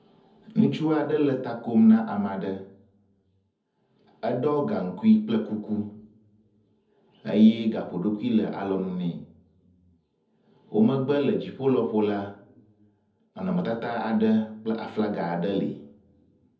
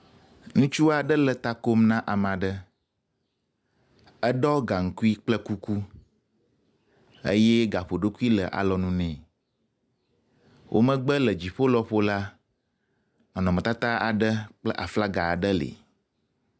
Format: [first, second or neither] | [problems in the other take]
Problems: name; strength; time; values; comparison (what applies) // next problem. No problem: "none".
second | room echo; dies away in 0.7 s